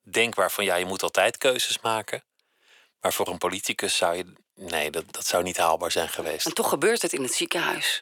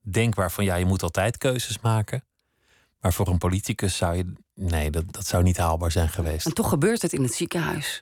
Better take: second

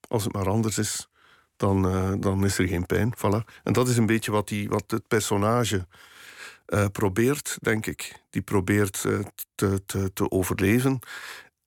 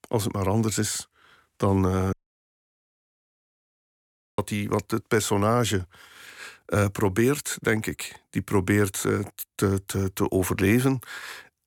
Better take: first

